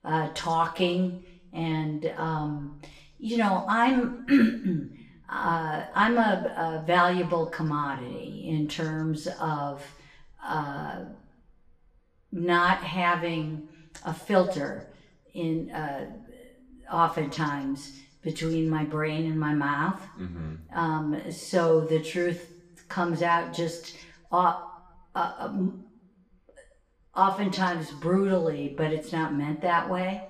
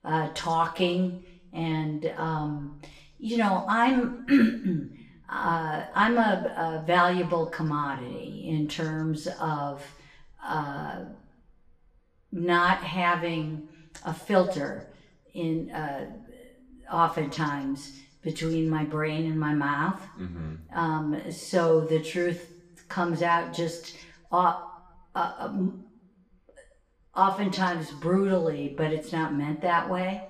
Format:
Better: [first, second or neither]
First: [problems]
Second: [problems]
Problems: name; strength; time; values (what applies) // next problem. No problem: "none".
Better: neither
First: room echo; slight; dies away in 0.6 s // off-mic speech; far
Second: room echo; slight; dies away in 0.6 s // off-mic speech; far